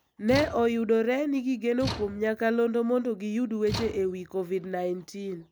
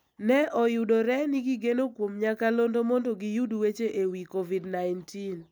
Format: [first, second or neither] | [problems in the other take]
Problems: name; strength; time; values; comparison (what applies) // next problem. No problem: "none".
second | background sound (Slam / Tools); 12 dB below the speech